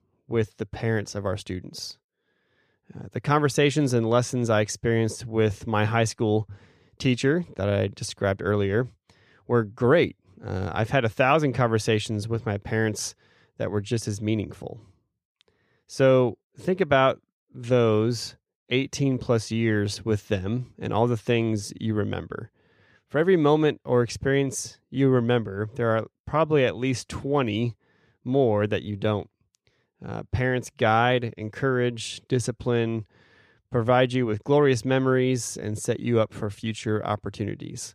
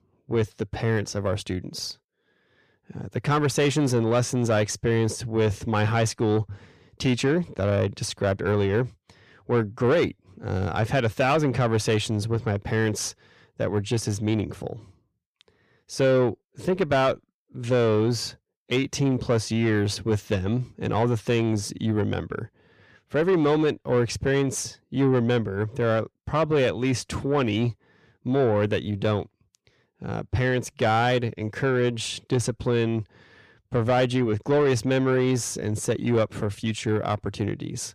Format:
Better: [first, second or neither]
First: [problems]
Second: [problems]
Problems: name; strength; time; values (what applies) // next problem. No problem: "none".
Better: first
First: none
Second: distortion; slight; 10 dB below the speech